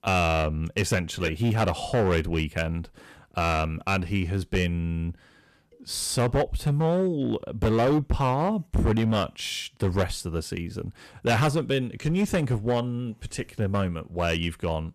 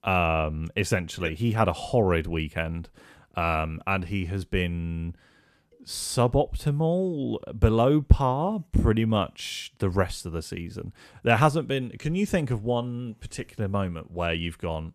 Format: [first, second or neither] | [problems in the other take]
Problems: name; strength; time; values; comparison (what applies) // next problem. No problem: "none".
second | distortion; heavy; 7% of the sound clipped